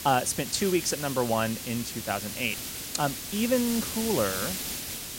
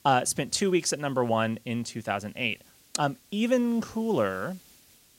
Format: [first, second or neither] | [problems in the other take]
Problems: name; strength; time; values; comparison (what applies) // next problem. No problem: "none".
second | hiss; loud; throughout; 4 dB below the speech; faint in the second